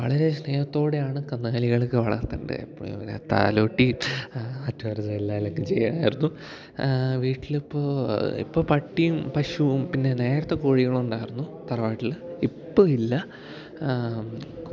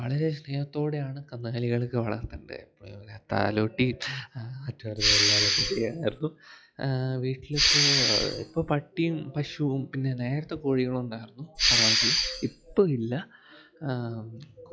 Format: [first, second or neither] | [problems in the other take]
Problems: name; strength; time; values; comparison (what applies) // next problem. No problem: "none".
first | noise reduction (classical method log-MMSE)